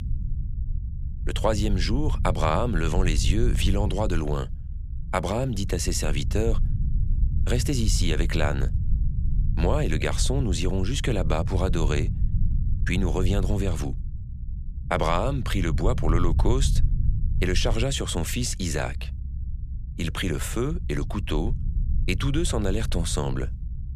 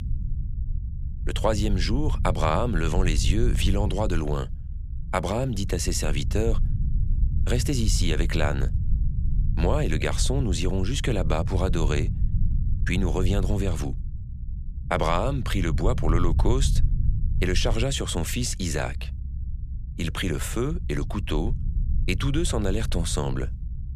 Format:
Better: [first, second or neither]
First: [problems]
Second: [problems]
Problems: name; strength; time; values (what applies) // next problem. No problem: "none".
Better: neither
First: low rumble; noticeable; throughout; 15 dB below the speech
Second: low rumble; noticeable; throughout; 15 dB below the speech